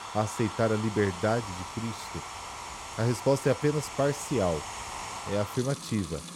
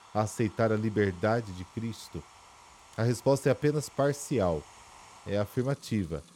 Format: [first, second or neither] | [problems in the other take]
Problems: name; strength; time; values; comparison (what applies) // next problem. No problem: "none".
second | household noises; loud; throughout; 9 dB below the speech; faint in the second